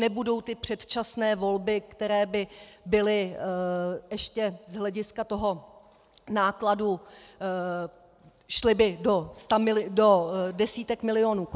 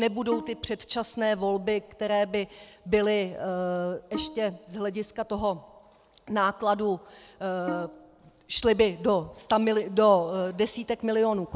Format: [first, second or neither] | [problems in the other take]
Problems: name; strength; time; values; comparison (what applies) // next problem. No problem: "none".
first | background sound (Bowed string instrument); 15 dB below the speech